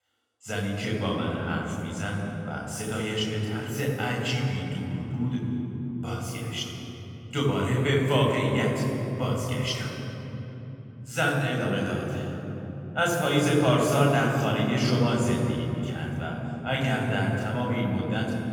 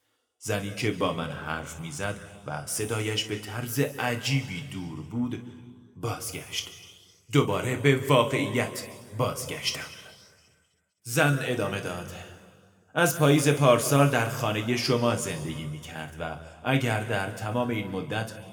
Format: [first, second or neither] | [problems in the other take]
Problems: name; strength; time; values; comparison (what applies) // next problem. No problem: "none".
second | room echo; strong; dies away in 3 s; slight in the second // off-mic speech; far